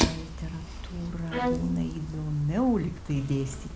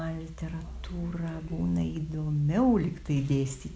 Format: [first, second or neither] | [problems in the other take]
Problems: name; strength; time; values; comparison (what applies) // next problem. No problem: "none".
second | background sound (Bowed string instrument + Fire); 4 dB below the speech